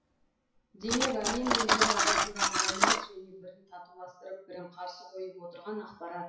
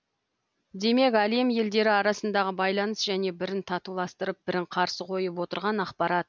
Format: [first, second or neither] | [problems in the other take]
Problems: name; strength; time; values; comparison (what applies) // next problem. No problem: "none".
second | noise reduction (classical method WPE with log-MMSE)